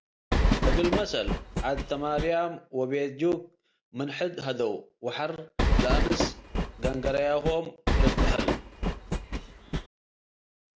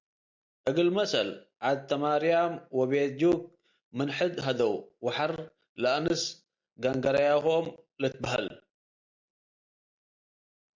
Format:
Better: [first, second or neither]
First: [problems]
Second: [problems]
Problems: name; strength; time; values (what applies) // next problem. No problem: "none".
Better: second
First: background sound (Train); 5 dB above the speech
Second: none